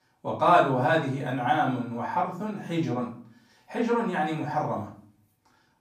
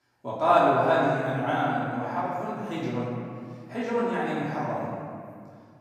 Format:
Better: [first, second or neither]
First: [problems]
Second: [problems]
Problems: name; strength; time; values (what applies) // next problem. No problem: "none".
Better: first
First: room echo; slight; dies away in 0.4 s // off-mic speech; far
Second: room echo; strong; dies away in 2.1 s // off-mic speech; far